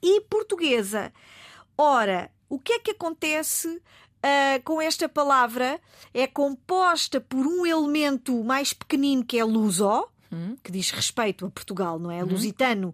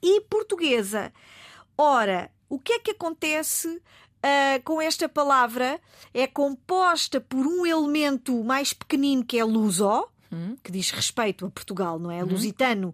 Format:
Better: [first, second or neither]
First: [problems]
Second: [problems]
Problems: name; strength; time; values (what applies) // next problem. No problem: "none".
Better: neither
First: none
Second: none